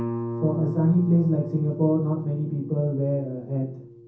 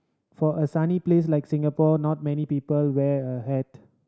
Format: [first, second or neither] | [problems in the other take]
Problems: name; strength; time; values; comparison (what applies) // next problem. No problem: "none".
second | background sound (Guitar); 10 dB below the speech // room echo; dies away in 0.6 s